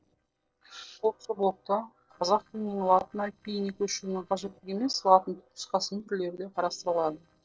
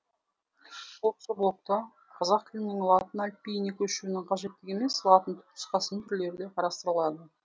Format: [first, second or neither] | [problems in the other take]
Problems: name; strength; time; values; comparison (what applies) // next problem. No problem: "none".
second | noise reduction (neural separator model SepFormer DNS4)